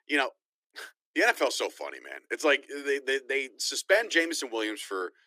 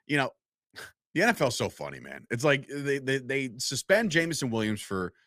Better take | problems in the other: second | thin; somewhat; fading below 300 Hz

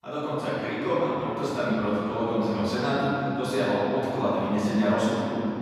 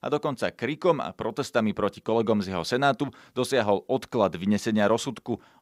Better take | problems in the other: second | off-mic speech; far // room echo; strong; dies away in 3 s

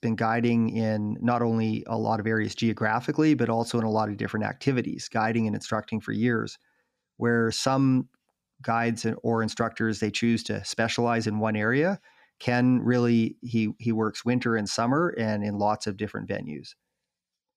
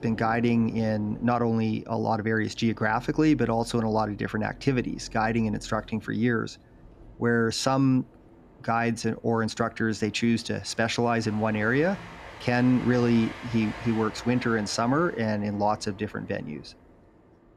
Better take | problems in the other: first | train or aircraft noise; noticeable; throughout; 20 dB below the speech

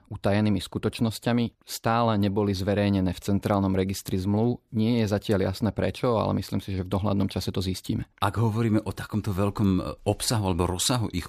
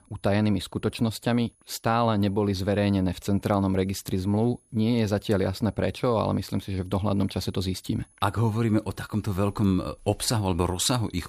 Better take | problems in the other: first | high-pitched whine; faint; throughout; 10 kHz, 35 dB below the speech

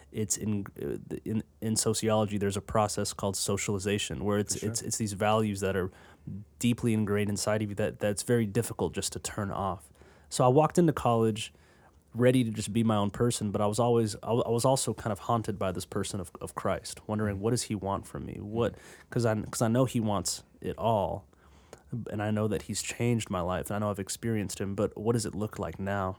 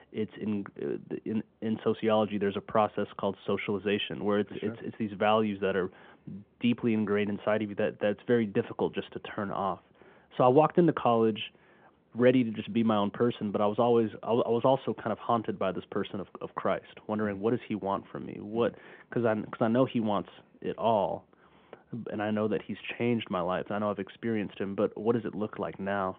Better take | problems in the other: first | phone-call audio

